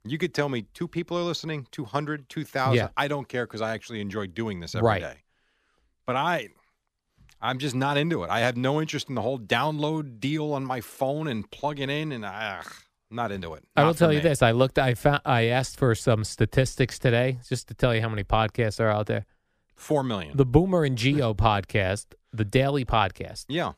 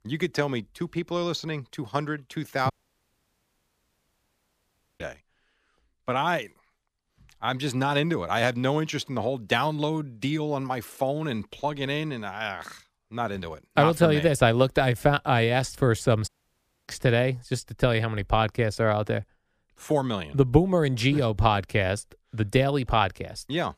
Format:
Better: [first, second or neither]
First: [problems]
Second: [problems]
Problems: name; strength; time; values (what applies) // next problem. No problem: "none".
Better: first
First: none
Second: audio cutting out; at 2.5 s for 2.5 s and at 16 s for 0.5 s